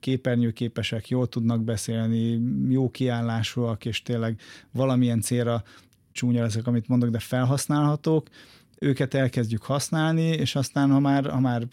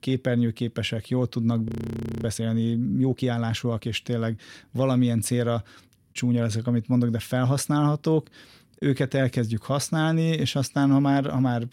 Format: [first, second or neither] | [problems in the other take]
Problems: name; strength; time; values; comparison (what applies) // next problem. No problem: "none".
first | audio freezing; at 1.5 s for 0.5 s